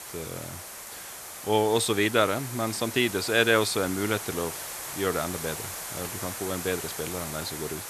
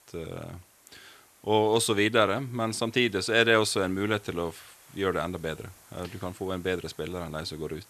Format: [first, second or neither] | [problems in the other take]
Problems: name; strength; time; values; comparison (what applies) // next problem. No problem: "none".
second | hiss; loud; throughout; 8 dB below the speech; faint in the second